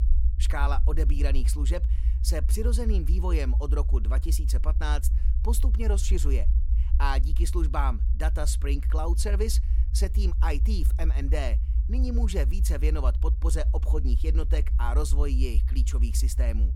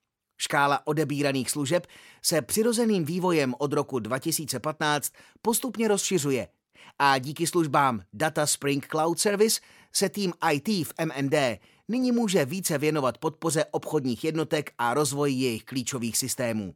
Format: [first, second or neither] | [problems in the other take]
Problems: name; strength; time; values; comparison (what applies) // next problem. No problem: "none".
second | low rumble; noticeable; throughout; 10 dB below the speech